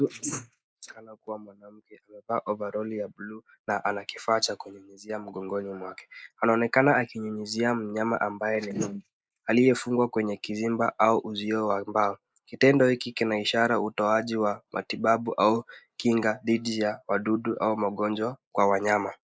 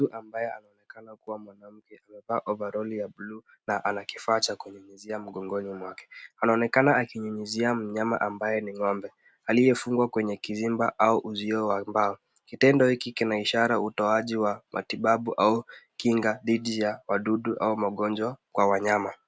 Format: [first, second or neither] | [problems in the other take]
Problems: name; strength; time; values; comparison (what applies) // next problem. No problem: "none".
second | noise reduction (neural mask model Resemble Enhance denoiser)